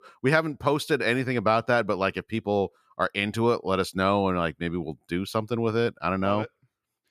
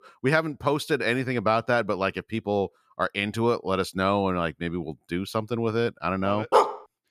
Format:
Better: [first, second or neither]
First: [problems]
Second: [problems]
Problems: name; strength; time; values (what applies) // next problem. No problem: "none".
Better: first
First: none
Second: dog barking; loud; at 6.5 s; peak 4 dB above the speech